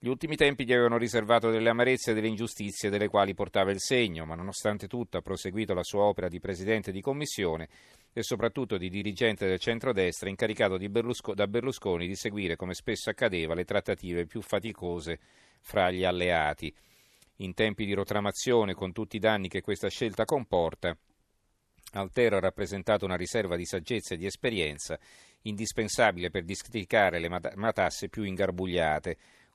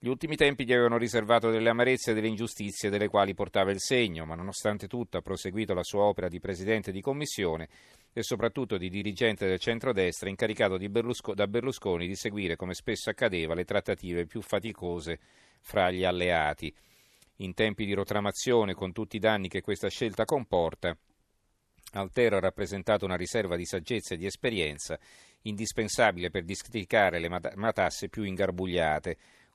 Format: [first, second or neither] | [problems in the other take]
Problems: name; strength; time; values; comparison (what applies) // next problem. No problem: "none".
neither | none